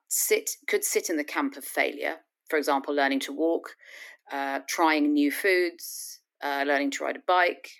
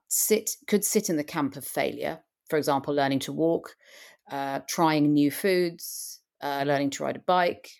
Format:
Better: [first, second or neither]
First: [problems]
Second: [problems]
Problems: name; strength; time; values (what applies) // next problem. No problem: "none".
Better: second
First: thin; very slightly; fading below 250 Hz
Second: none